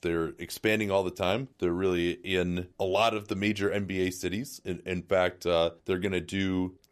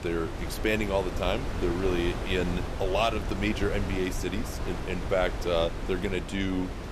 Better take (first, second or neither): first